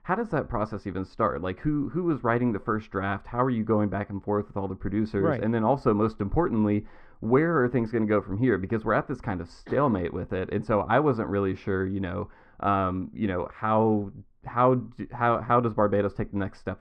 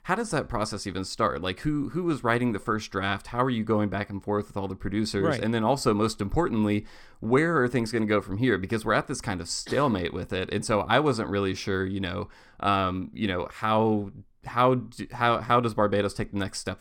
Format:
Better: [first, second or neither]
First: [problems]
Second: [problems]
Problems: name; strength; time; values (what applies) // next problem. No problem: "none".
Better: second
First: muffled; very; fading above 4 kHz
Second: none